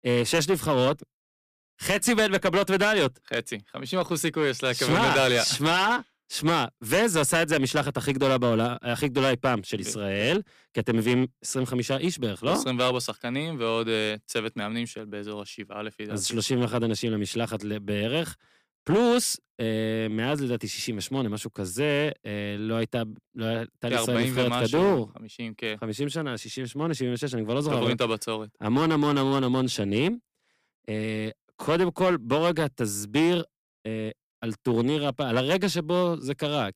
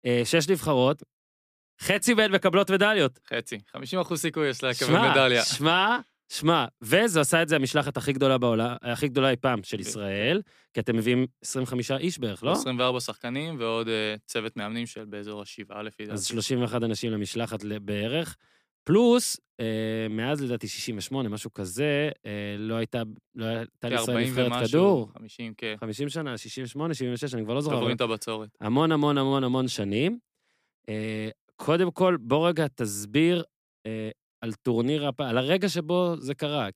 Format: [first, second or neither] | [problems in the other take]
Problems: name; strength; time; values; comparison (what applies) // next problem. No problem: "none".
second | distortion; slight; 5% of the sound clipped